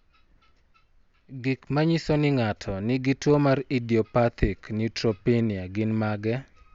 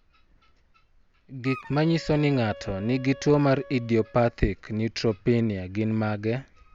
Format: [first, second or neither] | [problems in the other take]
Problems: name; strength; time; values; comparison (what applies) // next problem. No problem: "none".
first | background sound (Wind instrument, woodwind instrument); 19 dB below the speech